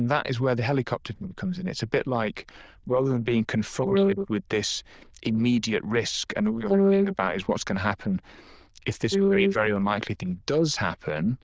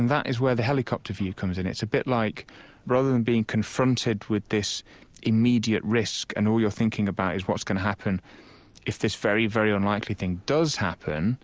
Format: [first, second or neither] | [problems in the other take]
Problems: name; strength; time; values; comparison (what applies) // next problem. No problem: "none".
second | noise reduction (neural diffusion model UNIVERSE++)